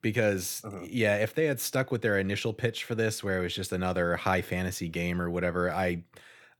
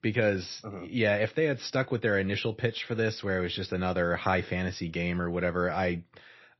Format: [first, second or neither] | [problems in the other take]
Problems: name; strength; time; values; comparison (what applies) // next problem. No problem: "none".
first | garbled, watery; slightly; nothing above 5.5 kHz